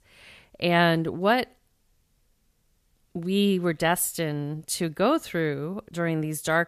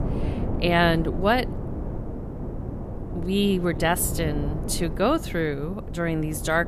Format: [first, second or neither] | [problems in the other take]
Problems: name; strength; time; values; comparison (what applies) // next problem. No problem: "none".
first | wind noise on the microphone; occasional gusts; 15 dB below the speech